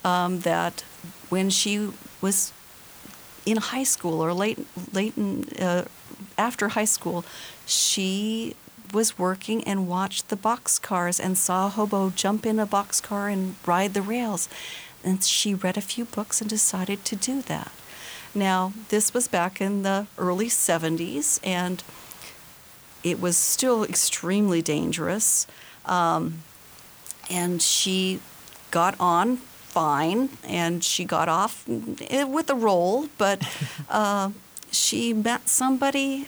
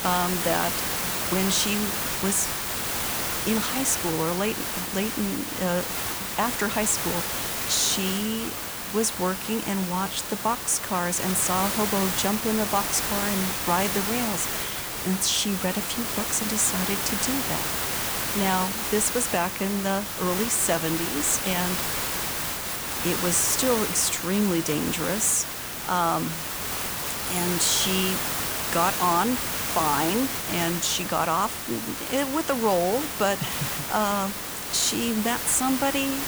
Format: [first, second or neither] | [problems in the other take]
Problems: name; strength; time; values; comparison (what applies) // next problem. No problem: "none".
first | hiss; loud; throughout; 1 dB below the speech; faint in the first